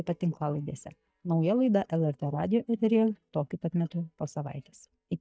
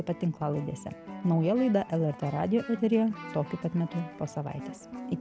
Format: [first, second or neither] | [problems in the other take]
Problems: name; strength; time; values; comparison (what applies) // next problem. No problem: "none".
second | noise reduction (neural mask model DeepFilterNet 3)